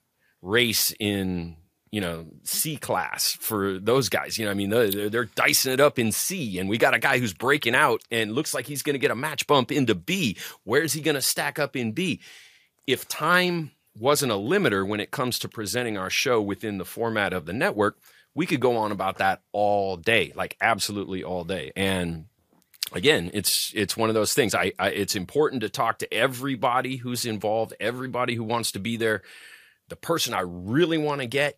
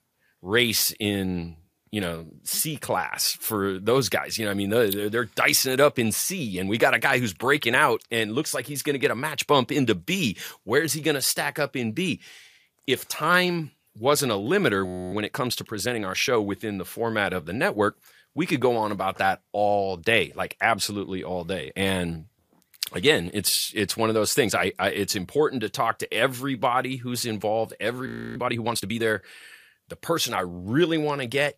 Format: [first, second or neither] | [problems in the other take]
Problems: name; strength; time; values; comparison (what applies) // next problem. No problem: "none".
first | audio freezing; at 15 s and at 28 s